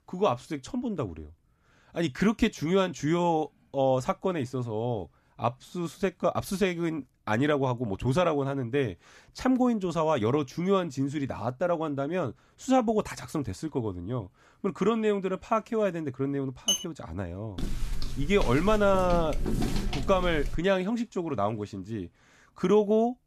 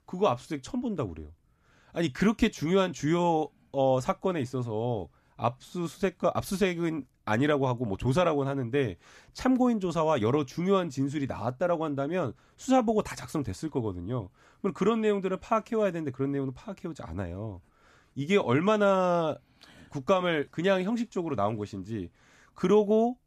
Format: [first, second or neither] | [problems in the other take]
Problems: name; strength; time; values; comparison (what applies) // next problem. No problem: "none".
second | clattering dishes; loud; at 17 s; peak 1 dB above the speech // footsteps; noticeable; from 18 to 21 s; peak 2 dB below the speech